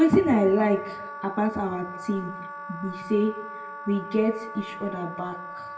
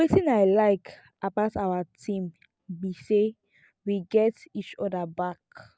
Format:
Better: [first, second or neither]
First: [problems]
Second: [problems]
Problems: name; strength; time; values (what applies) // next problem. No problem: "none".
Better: second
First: background sound (Wind instrument, woodwind instrument); 12 dB below the speech // room echo; dies away in 0.7 s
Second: none